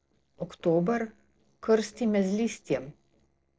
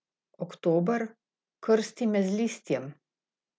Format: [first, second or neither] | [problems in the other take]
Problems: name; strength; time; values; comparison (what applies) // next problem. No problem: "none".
second | noise reduction (neural separator model SepFormer DNS4)